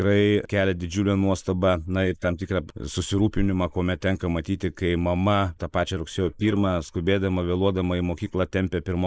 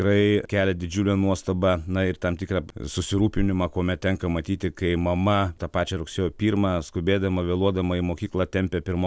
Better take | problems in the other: second | noise reduction (neural mask model Resemble Enhance denoiser)

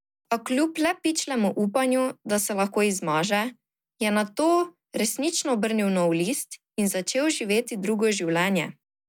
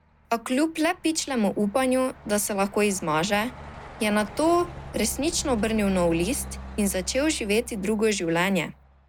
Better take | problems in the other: first | background sound (Truck); 16 dB below the speech

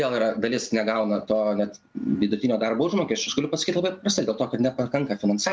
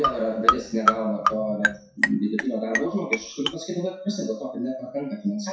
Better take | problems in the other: first | noise reduction (classical method WPE with log-MMSE)

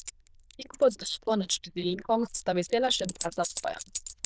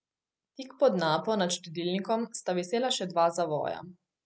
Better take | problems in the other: second | noise reduction (neural diffusion model UNIVERSE++)

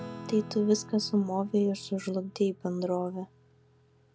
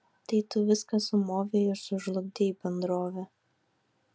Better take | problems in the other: second | background sound (Acoustic guitar / Strum); 17 dB below the speech

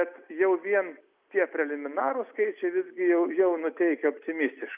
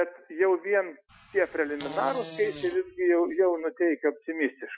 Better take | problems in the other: first | noise reduction (classical method Wiener filter)

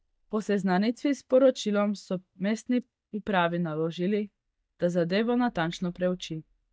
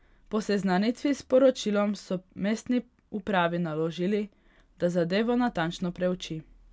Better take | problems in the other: second | noise reduction (neural mask model DeepFilterNet 3)

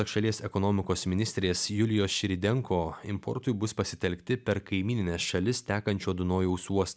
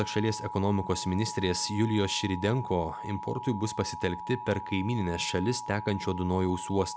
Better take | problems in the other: first | background sound (Alarm); 10 dB below the speech

